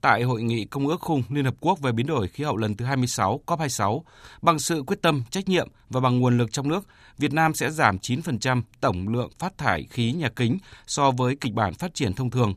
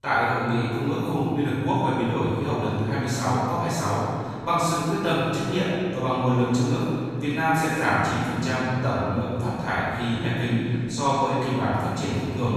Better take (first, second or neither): first